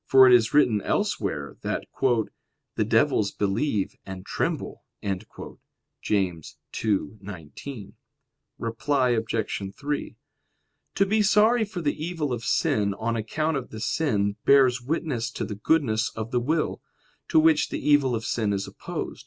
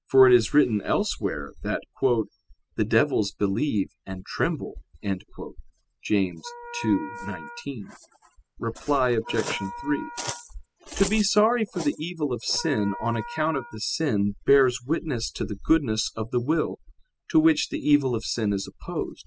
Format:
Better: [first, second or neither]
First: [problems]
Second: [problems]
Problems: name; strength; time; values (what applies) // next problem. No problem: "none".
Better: first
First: none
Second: noise reduction (classical method spectral subtraction)